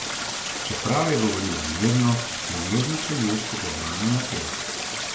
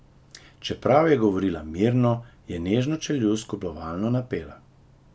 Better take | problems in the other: second | background sound (Stream); 3 dB below the speech // room echo; dies away in 0.9 s

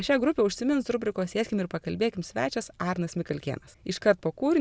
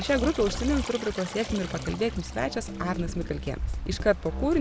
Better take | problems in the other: first | background sound (Stream + Drum kit); 5 dB below the speech

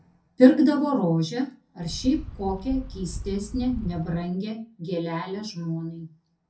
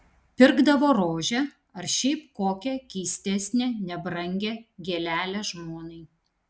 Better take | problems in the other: second | background sound (Wind); 11 dB below the speech // room echo; dies away in 0.3 s

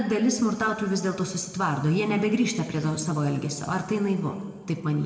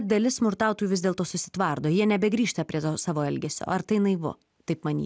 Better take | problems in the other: second | room echo; dies away in 2 s

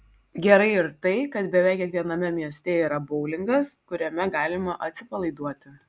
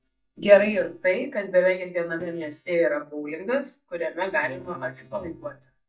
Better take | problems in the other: first | noise reduction (neural mask model DeepFilterNet 3)

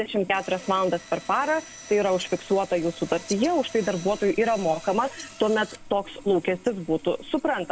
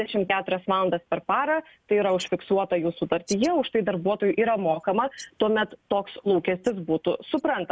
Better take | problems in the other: second | background sound (Sawing); 18 dB below the speech

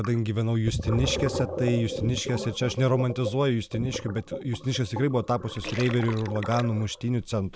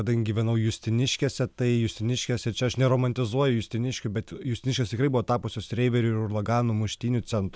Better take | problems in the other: second | background sound (Gurgling); 8 dB below the speech

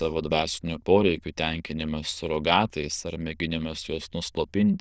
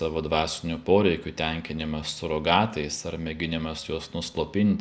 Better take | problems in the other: second | noise reduction (neural diffusion model UNIVERSE++)

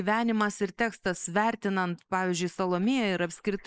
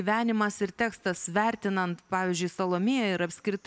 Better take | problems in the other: second | noise reduction (neural mask model Resemble Enhance denoiser)

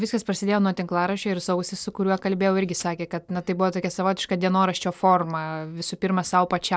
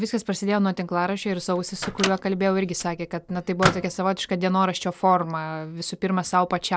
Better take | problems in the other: first | background sound (Microwave oven); 7 dB below the speech

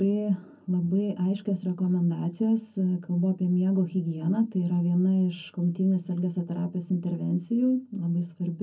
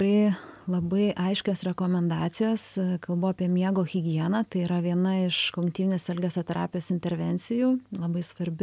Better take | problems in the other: second | room echo; dies away in 0.4 s

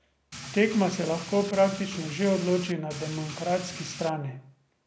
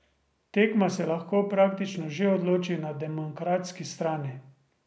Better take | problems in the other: second | background sound (Rain); 12 dB below the speech

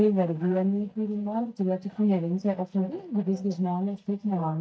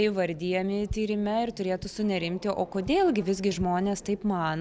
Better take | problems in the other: second | noise reduction (neural mask model DeepFilterNet 3)

